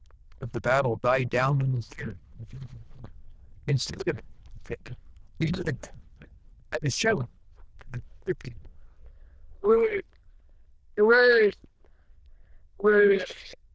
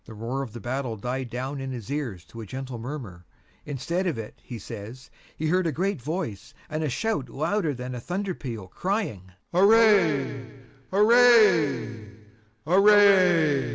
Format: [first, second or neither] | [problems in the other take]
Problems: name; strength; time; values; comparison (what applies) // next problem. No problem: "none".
second | noise reduction (neural diffusion model UNIVERSE++)